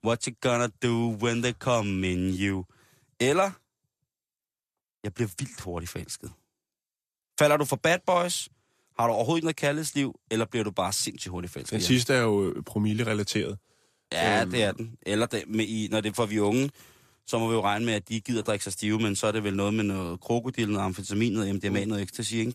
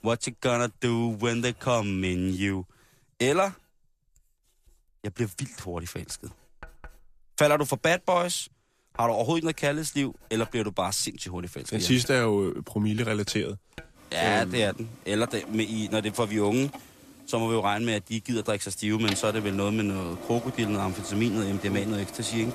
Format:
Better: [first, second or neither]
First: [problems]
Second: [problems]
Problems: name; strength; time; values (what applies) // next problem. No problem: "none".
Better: first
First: none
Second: household noises; noticeable; throughout; 15 dB below the speech